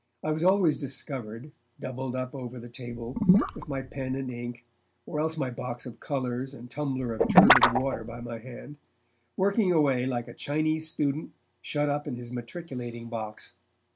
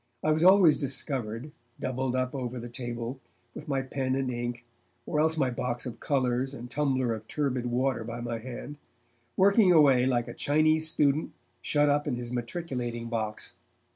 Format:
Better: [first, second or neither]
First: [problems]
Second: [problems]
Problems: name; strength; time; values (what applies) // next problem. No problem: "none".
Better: second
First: background sound (Gurgling / Liquid + Guitar); 5 dB above the speech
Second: none